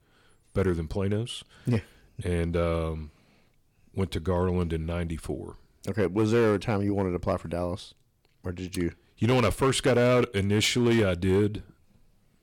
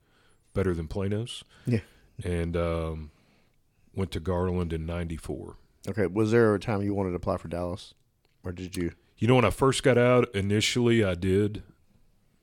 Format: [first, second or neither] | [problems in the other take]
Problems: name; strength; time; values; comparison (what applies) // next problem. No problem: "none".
second | distortion; slight; 4% of the sound clipped